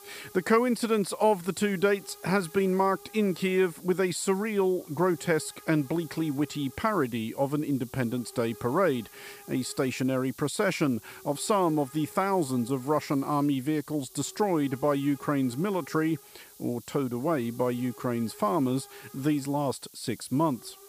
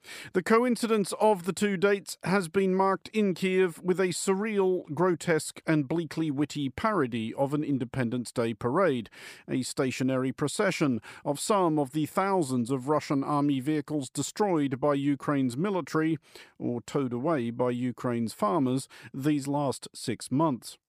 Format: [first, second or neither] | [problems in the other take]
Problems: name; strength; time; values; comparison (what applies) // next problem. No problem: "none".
second | hiss; faint; throughout; 20 dB below the speech